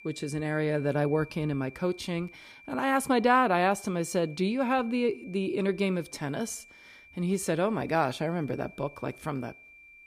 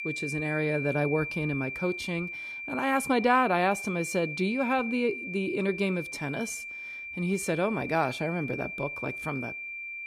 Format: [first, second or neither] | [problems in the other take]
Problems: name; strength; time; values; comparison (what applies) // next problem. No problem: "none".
first | high-pitched whine; loud; throughout; 2.5 kHz, 6 dB below the speech; faint in the first